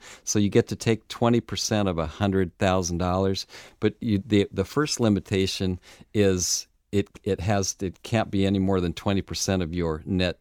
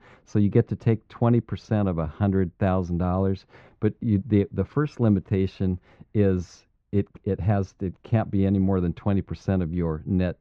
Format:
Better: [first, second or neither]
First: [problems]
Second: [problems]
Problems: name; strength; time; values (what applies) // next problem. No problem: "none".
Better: first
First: none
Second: muffled; very; fading above 1.5 kHz